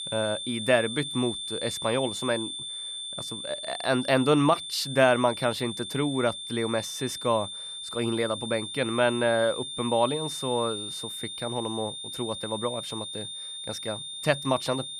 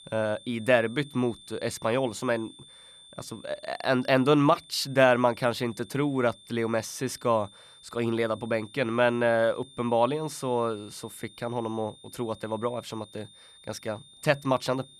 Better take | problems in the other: second | high-pitched whine; loud; throughout; 3.5 kHz, 6 dB below the speech; faint in the second

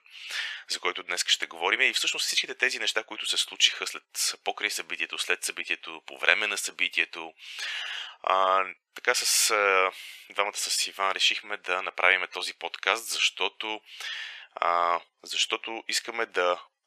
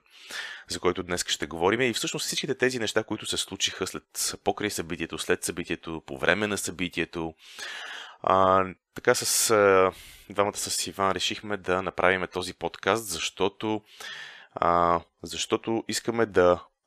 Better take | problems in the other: second | thin; very; fading below 650 Hz

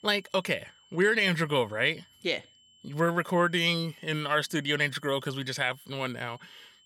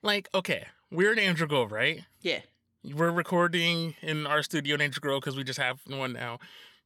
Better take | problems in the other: second | high-pitched whine; faint; throughout; 3 kHz, 30 dB below the speech

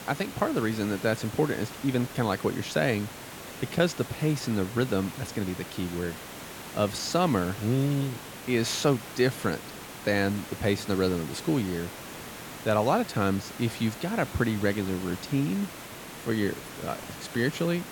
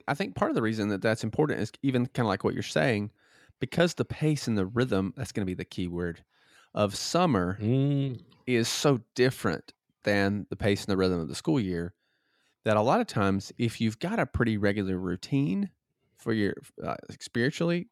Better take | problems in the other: second | hiss; noticeable; throughout; 10 dB below the speech

